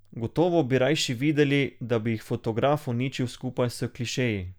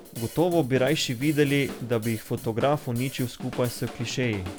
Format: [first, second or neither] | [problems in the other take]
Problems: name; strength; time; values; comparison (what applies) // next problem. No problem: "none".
first | background sound (Drum / Drum kit); 14 dB below the speech